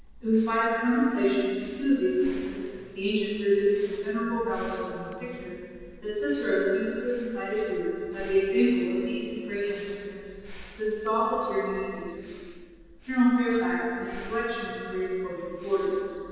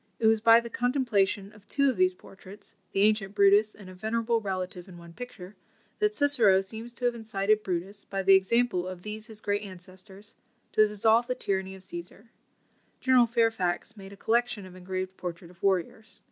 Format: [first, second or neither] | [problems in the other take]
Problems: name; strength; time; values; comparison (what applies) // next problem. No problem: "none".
second | background sound (Breathing); 20 dB below the speech // room echo; dies away in 2.1 s